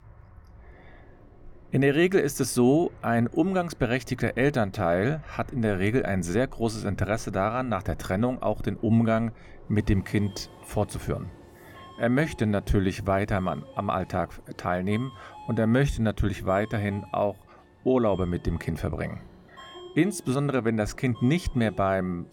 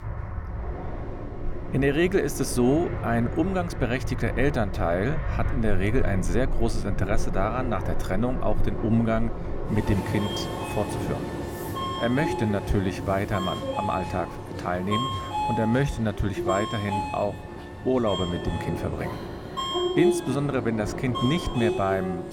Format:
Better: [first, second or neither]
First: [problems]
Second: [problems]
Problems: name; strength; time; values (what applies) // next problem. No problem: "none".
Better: first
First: train or aircraft noise; faint; throughout; 20 dB below the speech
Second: train or aircraft noise; loud; throughout; 4 dB below the speech